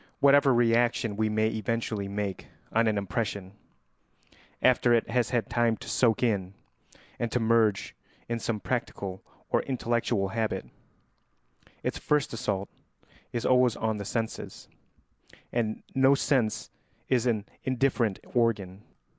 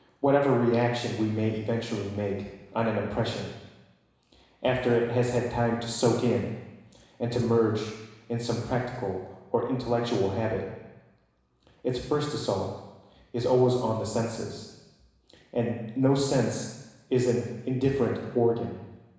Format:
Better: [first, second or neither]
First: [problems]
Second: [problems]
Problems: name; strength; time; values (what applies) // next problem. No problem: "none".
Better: first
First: none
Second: room echo; dies away in 1 s